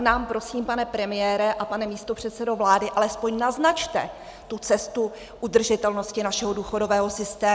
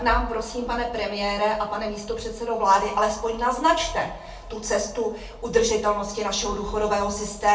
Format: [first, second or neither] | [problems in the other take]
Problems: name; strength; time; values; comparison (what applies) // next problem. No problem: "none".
first | room echo; dies away in 0.3 s